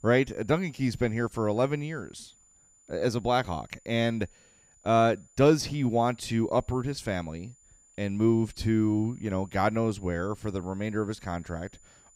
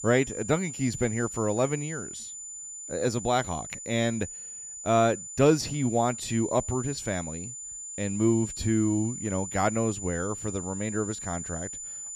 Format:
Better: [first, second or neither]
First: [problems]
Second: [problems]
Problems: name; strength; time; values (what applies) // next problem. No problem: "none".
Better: first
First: high-pitched whine; faint; throughout; 7 kHz, 30 dB below the speech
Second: high-pitched whine; loud; throughout; 7 kHz, 8 dB below the speech